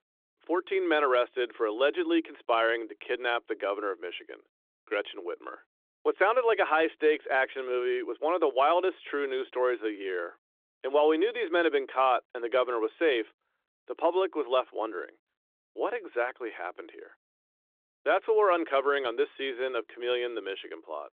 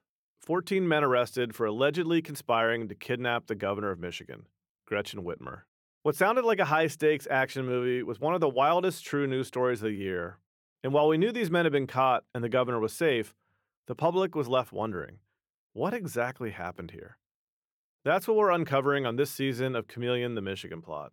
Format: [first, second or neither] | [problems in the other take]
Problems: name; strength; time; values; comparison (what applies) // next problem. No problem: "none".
second | phone-call audio; nothing above 3.5 kHz